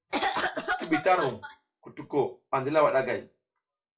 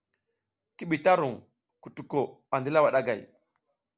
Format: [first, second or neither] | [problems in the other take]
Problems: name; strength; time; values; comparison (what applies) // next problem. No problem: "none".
second | noise reduction (classical method WPE with log-MMSE)